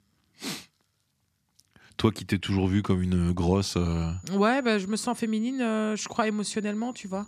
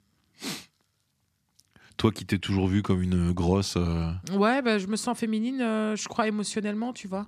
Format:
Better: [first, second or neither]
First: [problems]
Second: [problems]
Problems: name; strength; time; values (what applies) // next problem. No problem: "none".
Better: second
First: high-pitched whine; faint; from 3.5 s on; 7 kHz, 25 dB below the speech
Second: none